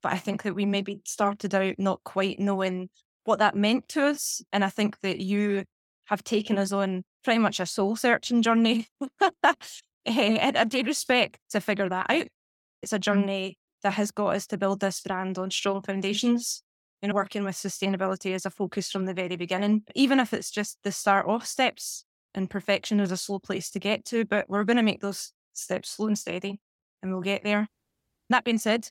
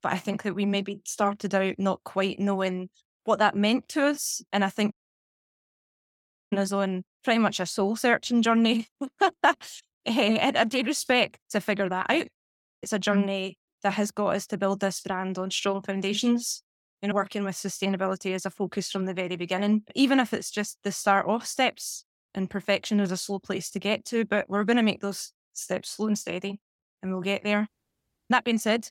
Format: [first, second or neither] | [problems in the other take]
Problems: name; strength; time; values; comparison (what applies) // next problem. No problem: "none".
first | audio cutting out; at 5 s for 1.5 s